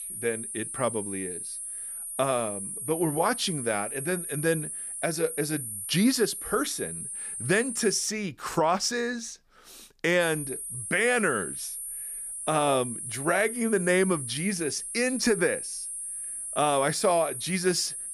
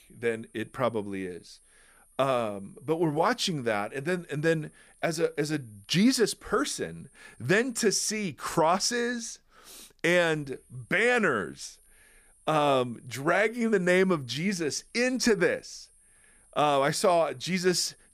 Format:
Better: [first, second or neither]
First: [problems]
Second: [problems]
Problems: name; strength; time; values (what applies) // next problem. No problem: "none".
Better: second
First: high-pitched whine; loud; until 8 s and from 10 s on; 10 kHz, 6 dB below the speech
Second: high-pitched whine; faint; until 8 s and from 10 s on; 10 kHz, 30 dB below the speech